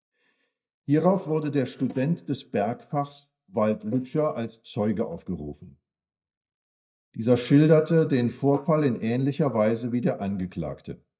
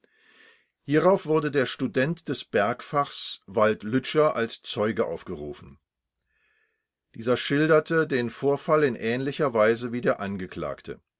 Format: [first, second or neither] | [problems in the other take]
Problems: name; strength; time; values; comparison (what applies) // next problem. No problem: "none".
second | noise reduction (neural mask model DeepFilterNet 3)